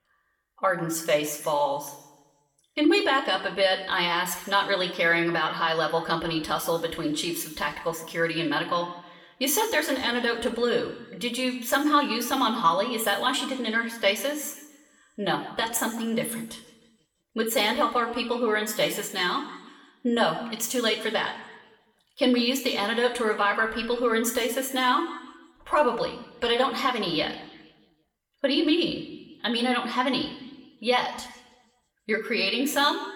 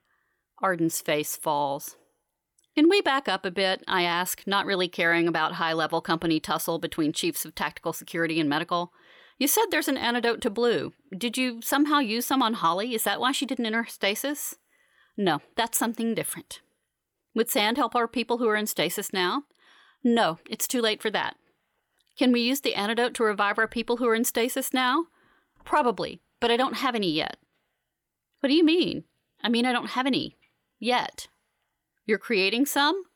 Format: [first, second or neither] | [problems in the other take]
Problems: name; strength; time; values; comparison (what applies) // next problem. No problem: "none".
second | room echo; slight; dies away in 0.9 s // off-mic speech; somewhat distant